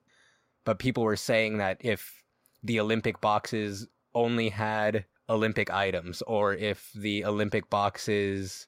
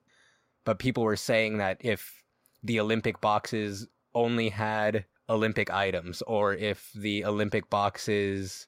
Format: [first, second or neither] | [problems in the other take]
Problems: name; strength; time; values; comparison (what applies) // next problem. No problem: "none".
neither | none